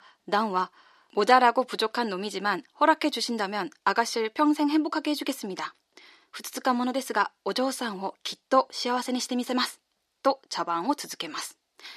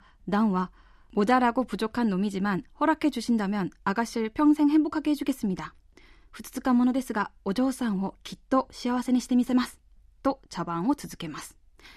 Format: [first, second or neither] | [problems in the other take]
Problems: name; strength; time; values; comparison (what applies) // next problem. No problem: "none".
second | thin; somewhat; fading below 500 Hz